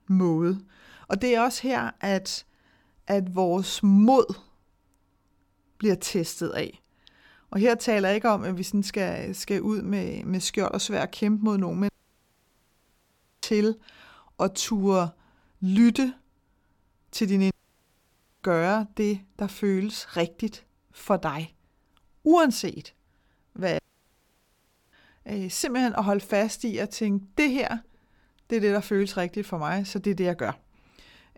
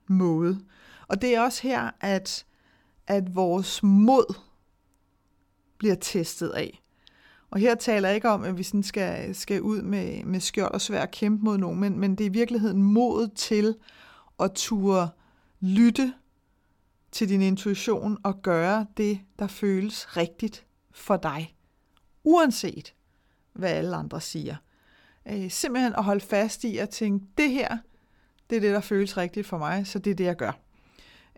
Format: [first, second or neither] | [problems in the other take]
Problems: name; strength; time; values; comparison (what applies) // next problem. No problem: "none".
second | audio cutting out; at 12 s for 1.5 s, at 18 s for 1 s and at 24 s for 1 s